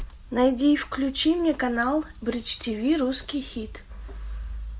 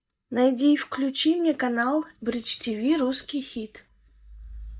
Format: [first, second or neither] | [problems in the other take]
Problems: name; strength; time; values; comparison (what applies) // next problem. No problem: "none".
first | noise reduction (neural mask model DeepFilterNet 3)